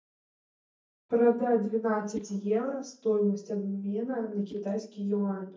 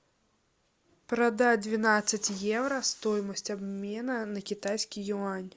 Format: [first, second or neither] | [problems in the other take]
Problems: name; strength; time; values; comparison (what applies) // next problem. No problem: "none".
second | noise reduction (neural mask model DeepFilterNet 3)